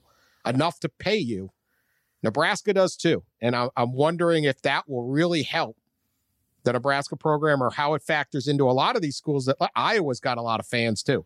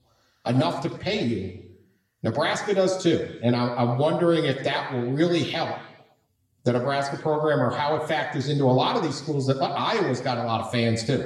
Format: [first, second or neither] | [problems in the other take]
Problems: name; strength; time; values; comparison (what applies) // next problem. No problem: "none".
first | room echo; slight; dies away in 0.8 s // off-mic speech; somewhat distant